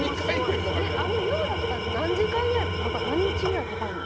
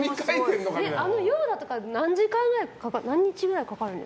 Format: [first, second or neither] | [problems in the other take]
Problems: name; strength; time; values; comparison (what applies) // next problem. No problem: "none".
second | background sound (Tools); 1 dB above the speech